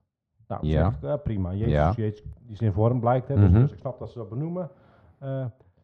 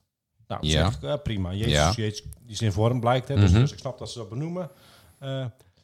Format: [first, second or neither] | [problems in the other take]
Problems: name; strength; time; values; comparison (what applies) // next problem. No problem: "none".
second | muffled; very; fading above 3 kHz